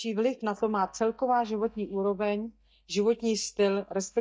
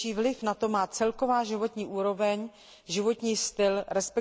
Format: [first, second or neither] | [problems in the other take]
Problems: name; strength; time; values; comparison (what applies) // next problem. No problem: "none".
second | noise reduction (neural mask model DeepFilterNet 3)